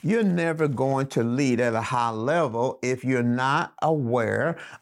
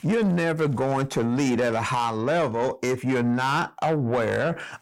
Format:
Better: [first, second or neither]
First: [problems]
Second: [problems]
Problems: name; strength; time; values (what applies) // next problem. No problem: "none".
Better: first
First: none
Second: distortion; slight; 10 dB below the speech